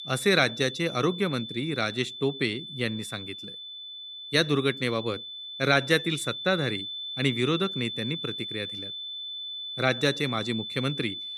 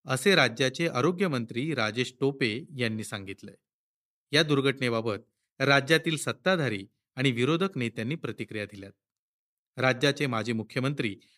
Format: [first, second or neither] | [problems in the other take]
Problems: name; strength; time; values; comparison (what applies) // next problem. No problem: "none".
second | high-pitched whine; loud; throughout; 3.5 kHz, 8 dB below the speech